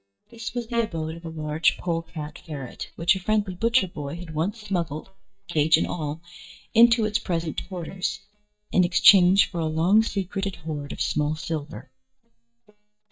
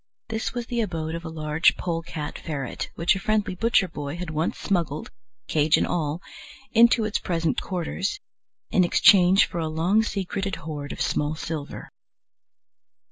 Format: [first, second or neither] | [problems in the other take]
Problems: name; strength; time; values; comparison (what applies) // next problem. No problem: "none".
second | noise reduction (neural mask model DeepFilterNet 3)